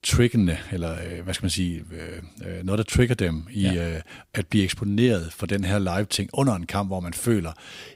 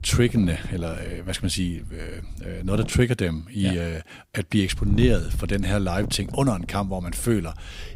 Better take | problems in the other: first | wind noise on the microphone; occasional gusts; until 3 s and from 4.5 s on; 15 dB below the speech

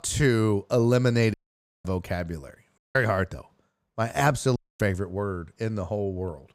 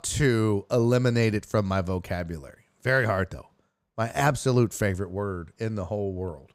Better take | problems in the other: second | audio cutting out; at 1.5 s for 0.5 s, at 3 s and at 4.5 s

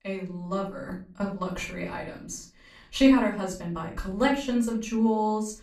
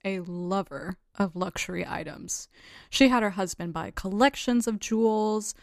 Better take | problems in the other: second | room echo; slight; dies away in 0.4 s // off-mic speech; far

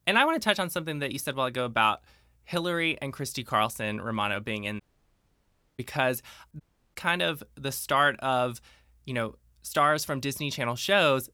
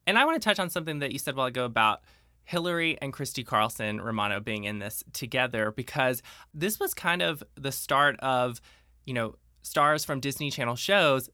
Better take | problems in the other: second | audio cutting out; at 5 s for 1 s and at 6.5 s

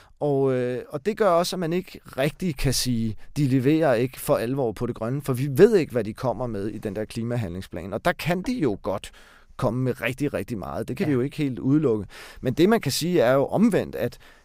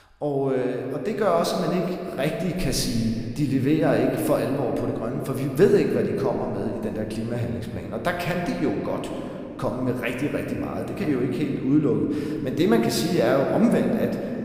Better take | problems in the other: first | room echo; noticeable; dies away in 2.3 s

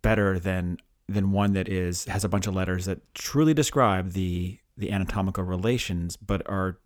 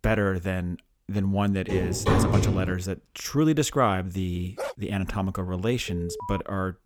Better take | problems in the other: first | footsteps; loud; from 1.5 to 2.5 s; peak 5 dB above the speech // dog barking; noticeable; at 4.5 s; peak 8 dB below the speech // alarm; noticeable; at 6 s; peak 9 dB below the speech

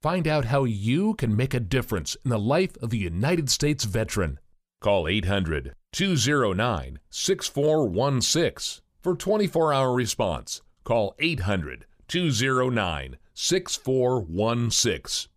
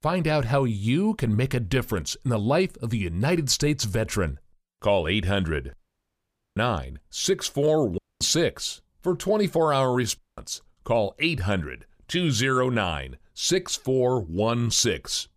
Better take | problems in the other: first | audio cutting out; at 6 s for 1 s, at 8 s and at 10 s

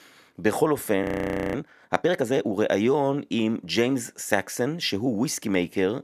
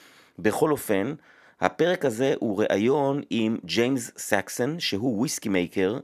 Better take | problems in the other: second | audio freezing; at 1 s for 0.5 s

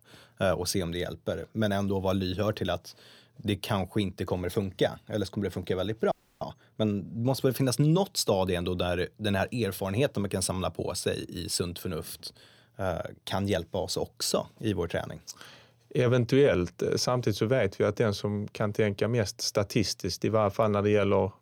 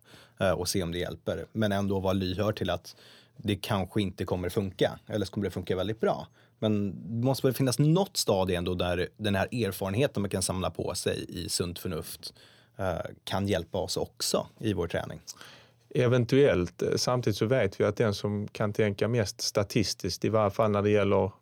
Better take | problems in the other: second | audio freezing; at 6 s

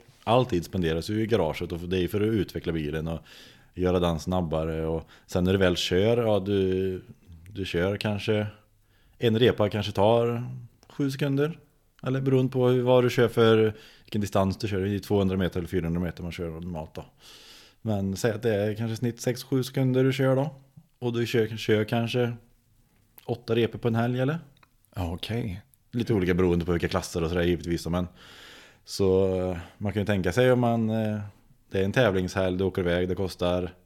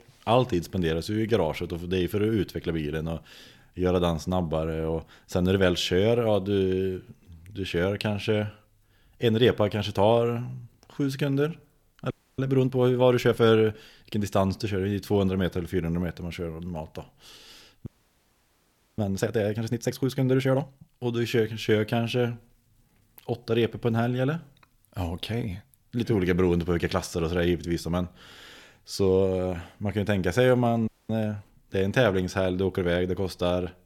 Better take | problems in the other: first | audio freezing; at 12 s, at 18 s for 1 s and at 31 s

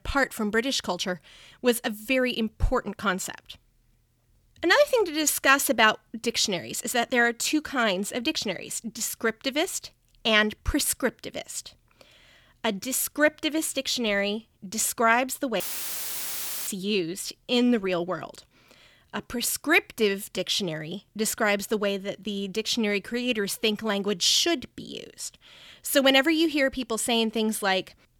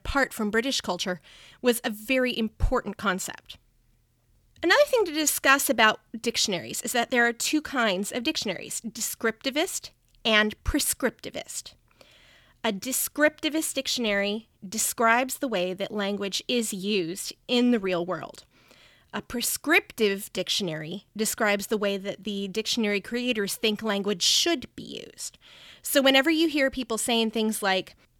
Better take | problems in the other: second | audio cutting out; filled with static; at 16 s for 1 s

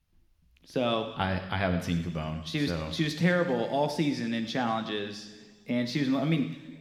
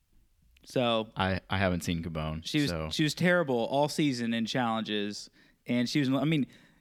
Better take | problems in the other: second | room echo; slight; dies away in 1.4 s

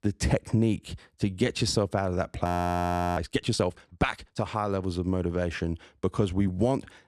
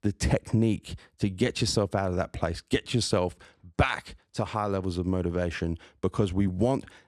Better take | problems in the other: second | audio freezing; at 2.5 s for 0.5 s

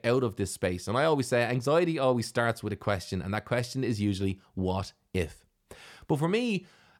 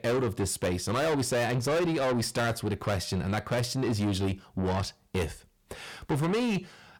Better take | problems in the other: first | distortion; heavy; 7 dB below the speech

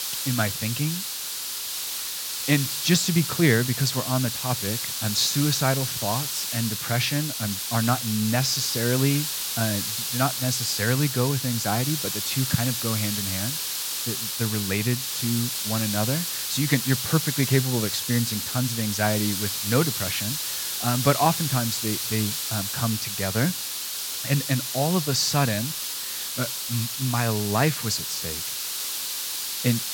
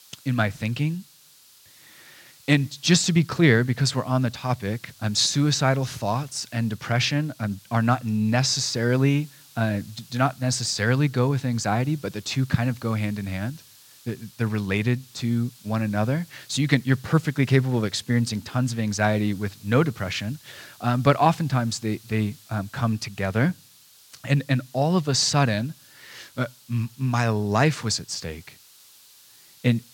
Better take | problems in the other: second | hiss; loud; throughout; 1 dB below the speech; faint in the second

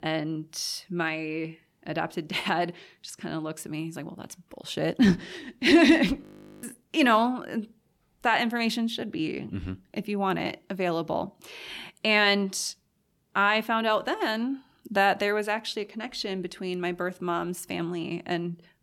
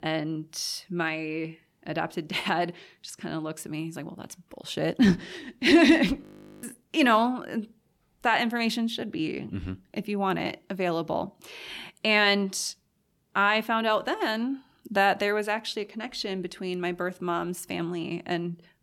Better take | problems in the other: neither | audio freezing; at 6 s; the same in both

